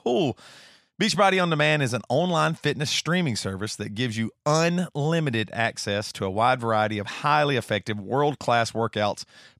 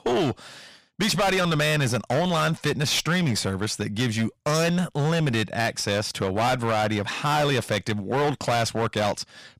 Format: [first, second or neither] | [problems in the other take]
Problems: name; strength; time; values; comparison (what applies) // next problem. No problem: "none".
first | distortion; heavy; 21% of the sound clipped